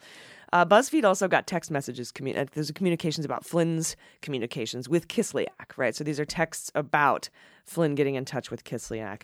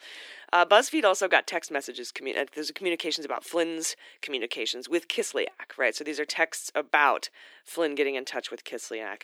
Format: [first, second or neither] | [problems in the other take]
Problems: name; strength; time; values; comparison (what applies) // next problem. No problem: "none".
first | thin; somewhat; fading below 300 Hz